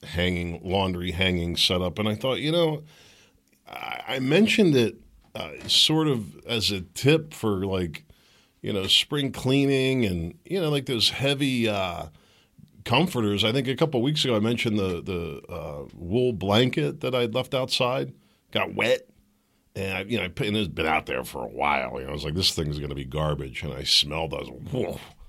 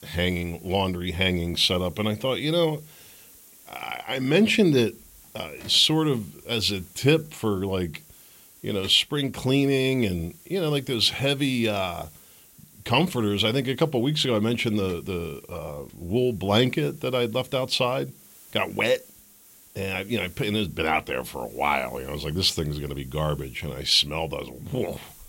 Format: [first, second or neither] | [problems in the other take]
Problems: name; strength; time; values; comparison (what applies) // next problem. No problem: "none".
first | hiss; faint; throughout; 25 dB below the speech